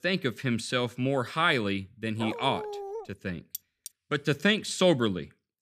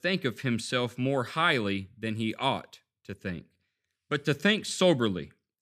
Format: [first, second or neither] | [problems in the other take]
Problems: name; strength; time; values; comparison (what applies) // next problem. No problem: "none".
second | dog barking; noticeable; at 2 s; peak 9 dB below the speech // clattering dishes; faint; at 3.5 s; peak 10 dB below the speech